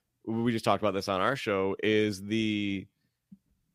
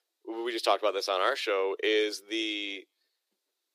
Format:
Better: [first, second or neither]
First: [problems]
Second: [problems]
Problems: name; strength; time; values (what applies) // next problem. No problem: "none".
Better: first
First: none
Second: thin; very; fading below 350 Hz